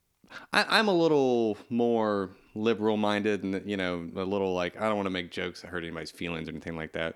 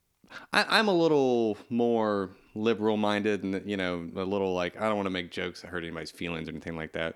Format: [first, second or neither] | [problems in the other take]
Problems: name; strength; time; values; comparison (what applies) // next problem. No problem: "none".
neither | none